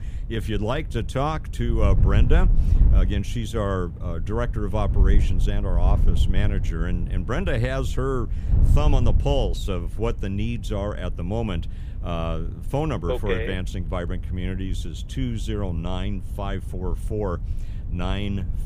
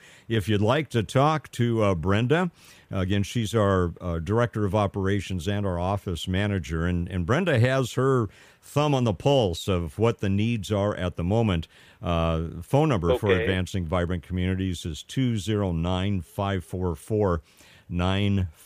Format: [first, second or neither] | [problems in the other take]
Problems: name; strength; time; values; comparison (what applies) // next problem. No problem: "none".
second | wind noise on the microphone; occasional gusts; 15 dB below the speech